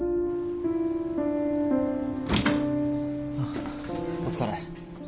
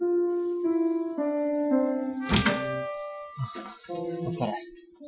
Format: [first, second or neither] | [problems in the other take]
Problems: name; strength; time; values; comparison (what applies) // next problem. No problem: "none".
first | noise reduction (classical method Wiener filter)